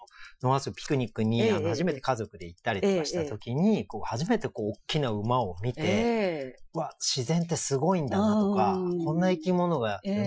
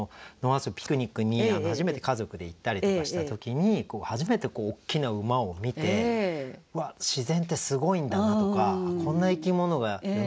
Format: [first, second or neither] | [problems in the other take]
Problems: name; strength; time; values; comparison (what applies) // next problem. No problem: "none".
second | noise reduction (classical method Wiener filter)